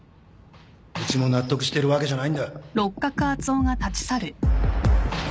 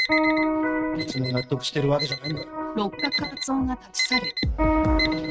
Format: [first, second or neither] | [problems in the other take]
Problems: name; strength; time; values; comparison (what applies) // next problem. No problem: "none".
first | noise reduction (neural mask model RNNoise)